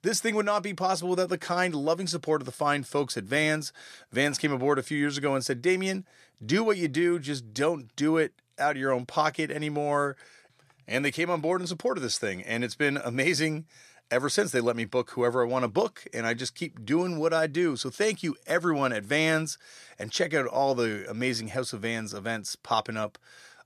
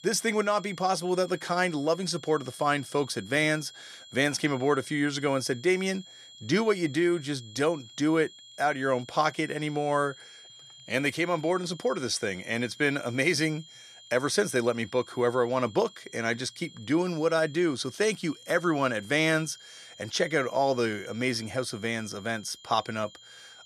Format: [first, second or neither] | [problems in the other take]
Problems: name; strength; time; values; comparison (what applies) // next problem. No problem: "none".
first | high-pitched whine; faint; throughout; 3.5 kHz, 20 dB below the speech